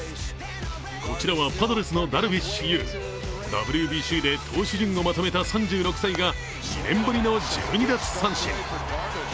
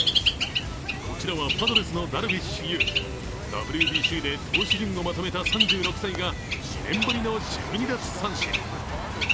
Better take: first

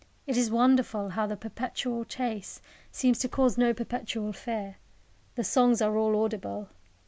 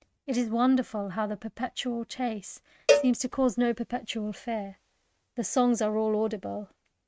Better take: first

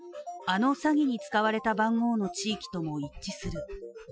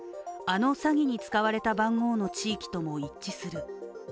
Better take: second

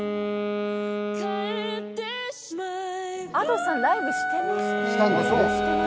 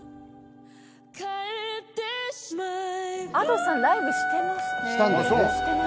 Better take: second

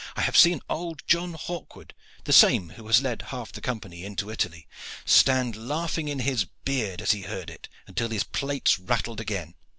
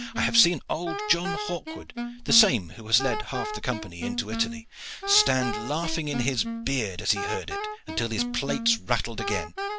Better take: first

